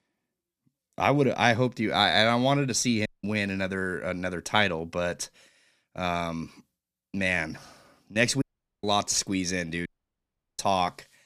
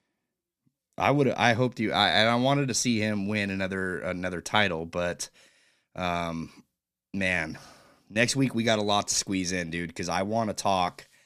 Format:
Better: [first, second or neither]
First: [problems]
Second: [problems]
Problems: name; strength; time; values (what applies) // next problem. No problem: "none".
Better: second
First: audio cutting out; at 3 s, at 8.5 s and at 10 s for 0.5 s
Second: none